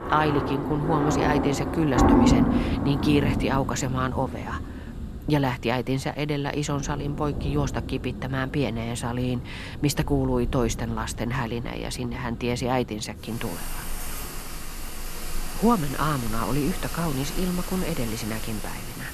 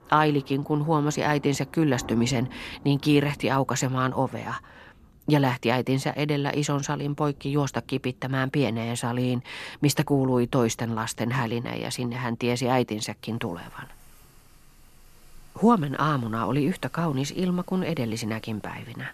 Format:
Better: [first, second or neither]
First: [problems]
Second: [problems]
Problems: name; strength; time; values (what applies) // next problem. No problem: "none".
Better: second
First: rain or running water; loud; throughout; 3 dB below the speech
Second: rain or running water; faint; throughout; 25 dB below the speech